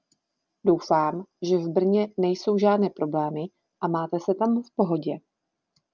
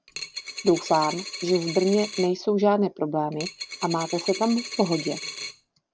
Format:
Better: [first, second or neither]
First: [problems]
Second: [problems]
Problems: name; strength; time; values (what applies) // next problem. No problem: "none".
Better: first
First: none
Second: background sound (Coin (dropping)); 11 dB below the speech